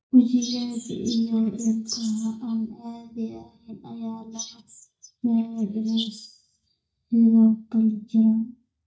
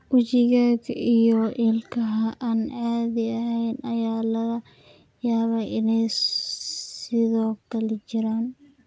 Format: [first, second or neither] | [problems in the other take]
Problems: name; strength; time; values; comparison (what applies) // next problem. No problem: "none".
second | noise reduction (neural mask model DeepFilterNet 3)